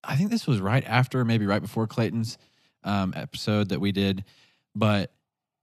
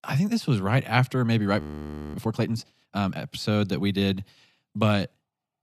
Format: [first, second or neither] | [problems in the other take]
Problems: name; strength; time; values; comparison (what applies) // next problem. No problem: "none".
first | audio freezing; at 1.5 s for 0.5 s